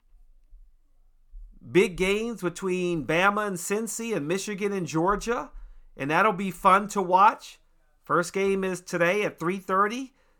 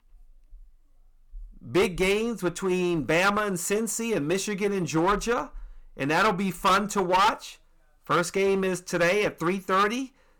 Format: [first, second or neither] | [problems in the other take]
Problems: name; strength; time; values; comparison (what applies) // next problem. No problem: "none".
first | distortion; heavy; 9% of the sound clipped